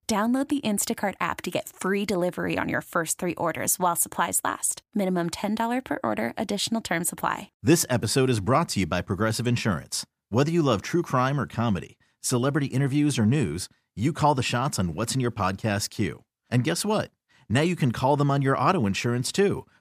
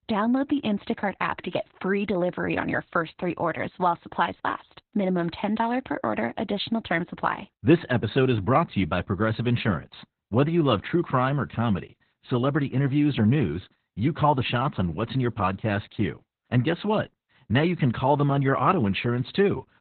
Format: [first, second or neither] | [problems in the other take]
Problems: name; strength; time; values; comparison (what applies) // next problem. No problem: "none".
first | garbled, watery; badly; nothing above 4 kHz